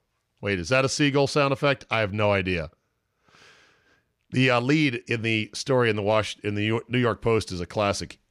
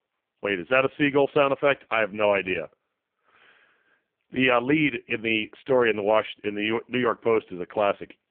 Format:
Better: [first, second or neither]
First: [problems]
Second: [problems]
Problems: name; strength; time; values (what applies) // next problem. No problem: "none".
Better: first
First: none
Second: phone-call audio; poor line; nothing above 3 kHz